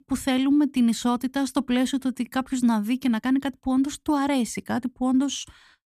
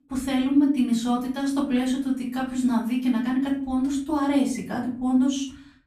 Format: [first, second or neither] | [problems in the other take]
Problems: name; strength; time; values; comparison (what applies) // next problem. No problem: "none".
first | off-mic speech; far // room echo; slight; dies away in 0.5 s